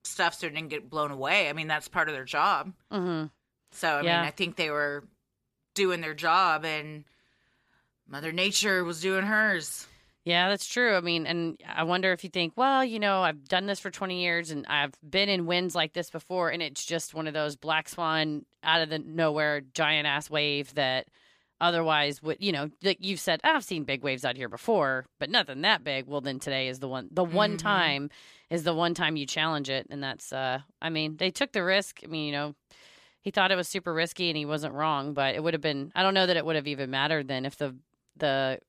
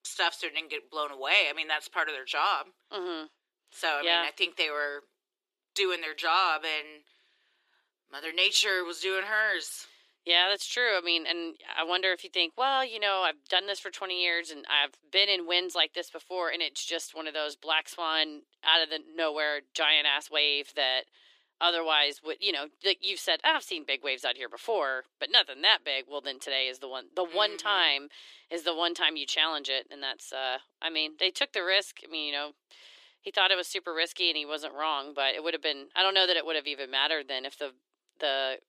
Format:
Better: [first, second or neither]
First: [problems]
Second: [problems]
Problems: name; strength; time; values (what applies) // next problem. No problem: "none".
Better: first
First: none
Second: thin; very; fading below 350 Hz